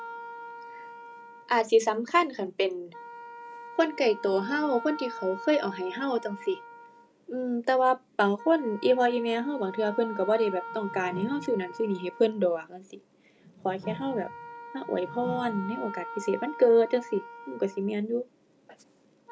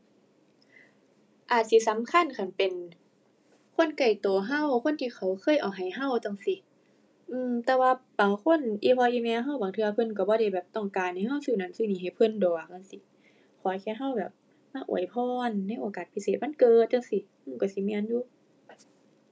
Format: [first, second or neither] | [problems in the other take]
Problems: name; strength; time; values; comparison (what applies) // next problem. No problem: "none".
second | background sound (Whoosh, swoosh, swish + Wind instrument, woodwind instrument); 14 dB below the speech